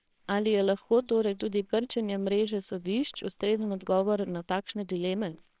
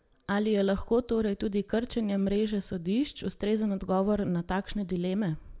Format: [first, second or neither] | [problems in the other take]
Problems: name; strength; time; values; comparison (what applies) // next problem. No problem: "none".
second | noise reduction (neural separator model SepFormer WHAMR!)